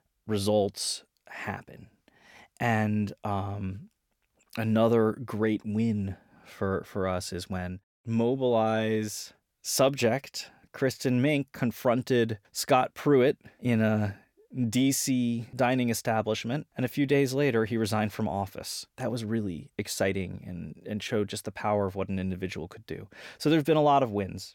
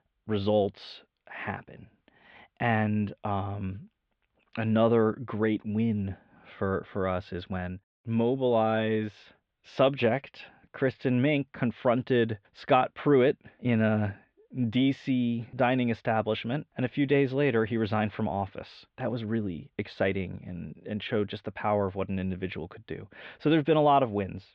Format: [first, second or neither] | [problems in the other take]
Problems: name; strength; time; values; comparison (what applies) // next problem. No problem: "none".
first | muffled; very; fading above 3.5 kHz